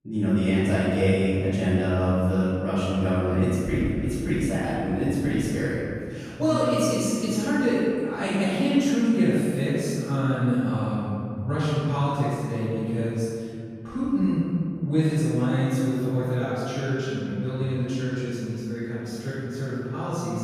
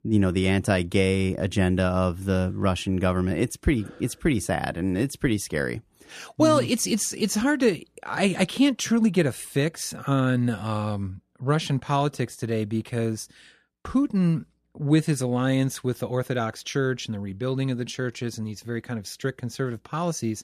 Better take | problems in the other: second | off-mic speech; far // room echo; strong; dies away in 2.5 s

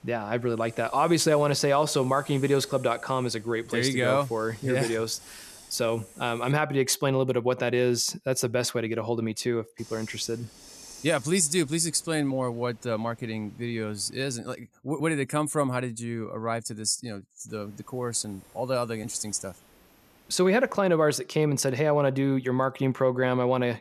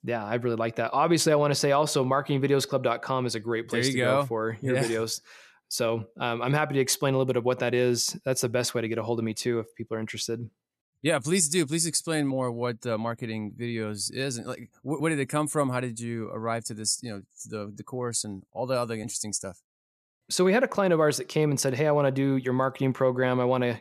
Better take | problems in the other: second | hiss; faint; until 6.5 s, from 10 to 14 s and from 17 to 21 s; 25 dB below the speech

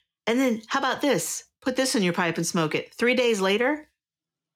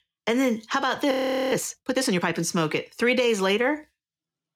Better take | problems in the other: first | audio freezing; at 1 s

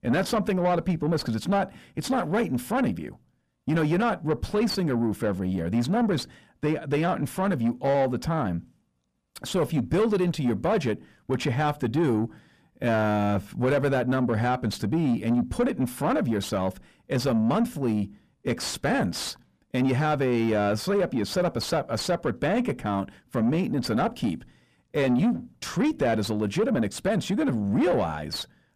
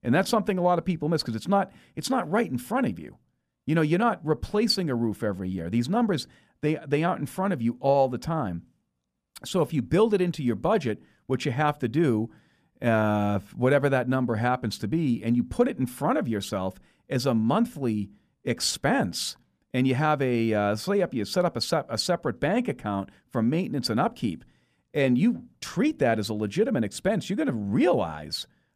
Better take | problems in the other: second | distortion; slight; 10 dB below the speech

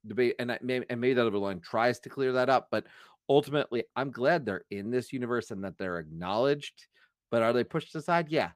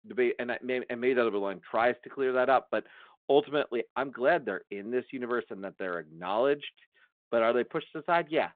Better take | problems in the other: first | phone-call audio; nothing above 4 kHz

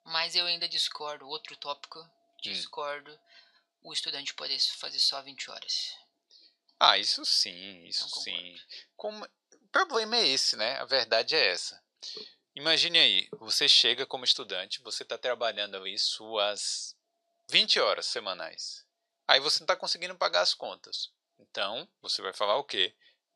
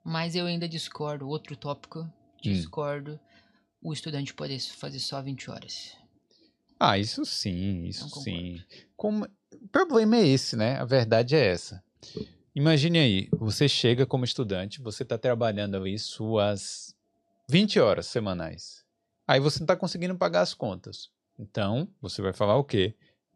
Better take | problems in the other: second | thin; very; fading below 850 Hz

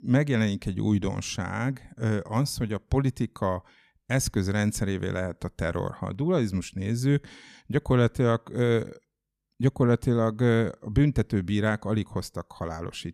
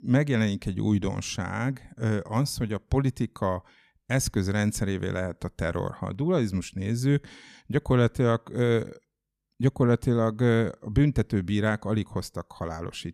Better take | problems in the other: neither | none

